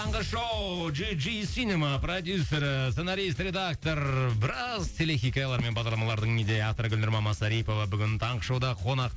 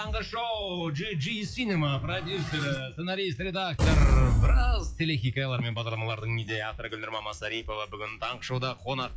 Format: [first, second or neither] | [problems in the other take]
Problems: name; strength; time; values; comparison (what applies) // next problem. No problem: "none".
first | noise reduction (classical method log-MMSE)